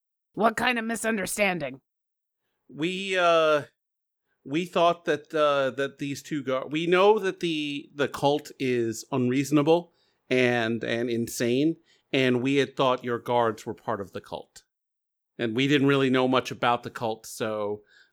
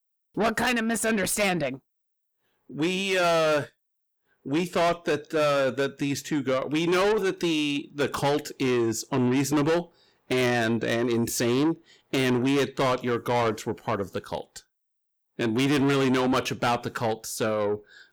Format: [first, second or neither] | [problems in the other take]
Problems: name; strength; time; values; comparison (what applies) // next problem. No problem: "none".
first | distortion; heavy; 7 dB below the speech